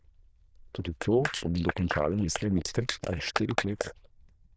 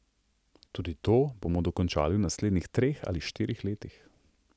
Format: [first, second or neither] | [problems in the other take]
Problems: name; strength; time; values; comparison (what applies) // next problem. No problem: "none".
second | noise reduction (neural diffusion model UNIVERSE++)